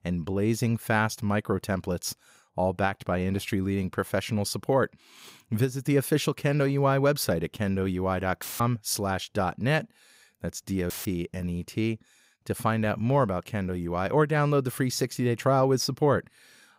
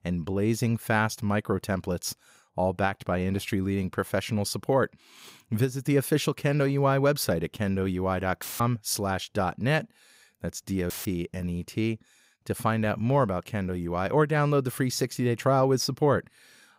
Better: neither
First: audio cutting out; filled with static; at 8.5 s and at 11 s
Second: audio cutting out; filled with static; at 8.5 s and at 11 s

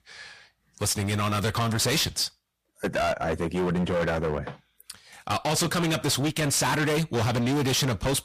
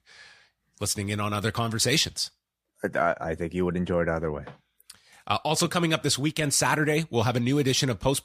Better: second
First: distortion; heavy; 25% of the sound clipped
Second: none

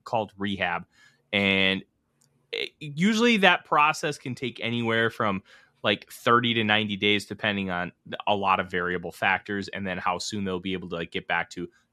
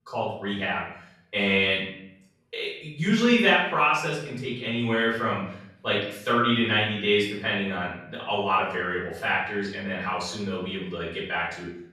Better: first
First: none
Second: off-mic speech; far // room echo; noticeable; dies away in 0.6 s

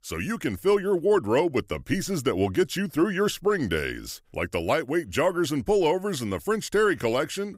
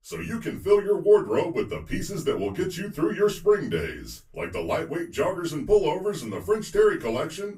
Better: first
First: none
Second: off-mic speech; far // room echo; very slight; dies away in 0.2 s

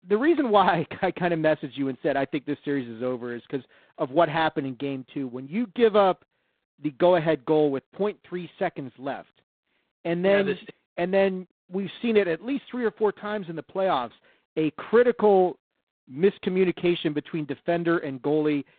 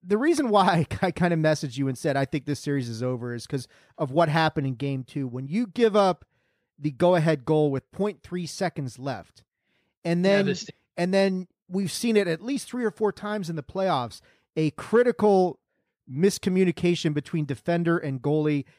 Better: second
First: phone-call audio; poor line; nothing above 4 kHz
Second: none

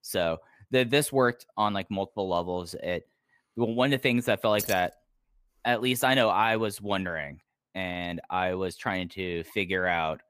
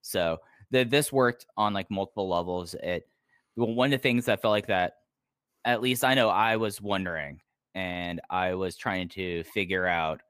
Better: second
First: jangling keys; noticeable; at 4.5 s; peak 7 dB below the speech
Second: none

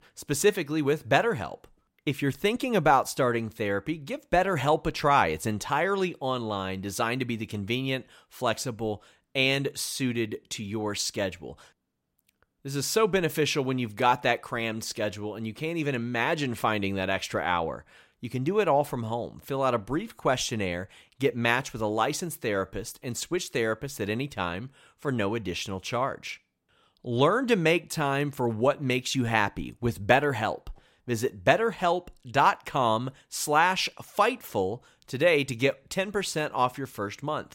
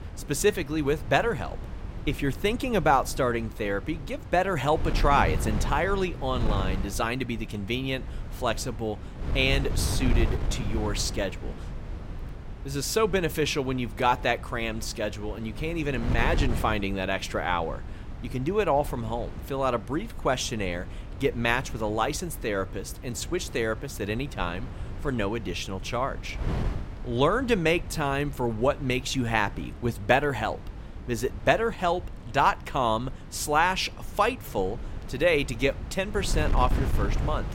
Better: first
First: none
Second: wind noise on the microphone; occasional gusts; 15 dB below the speech

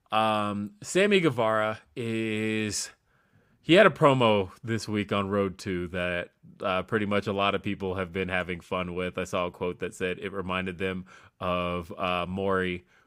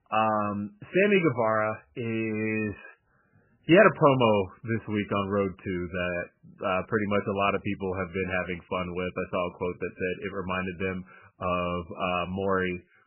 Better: first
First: none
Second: garbled, watery; badly; nothing above 2.5 kHz

